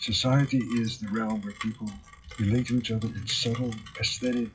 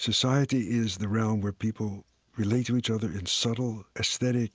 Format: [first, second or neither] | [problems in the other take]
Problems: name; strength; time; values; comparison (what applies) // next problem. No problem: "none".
second | noise reduction (classical method WPE with log-MMSE)